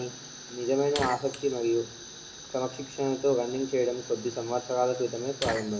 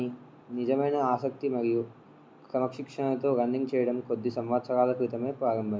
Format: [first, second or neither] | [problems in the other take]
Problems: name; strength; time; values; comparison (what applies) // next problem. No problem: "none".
second | background sound (Fire); 11 dB below the speech // room echo; dies away in 1.2 s